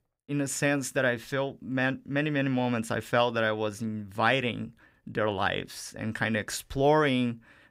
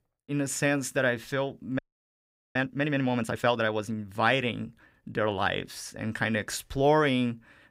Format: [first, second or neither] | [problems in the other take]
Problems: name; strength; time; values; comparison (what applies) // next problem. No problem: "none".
first | audio freezing; at 2 s for 1 s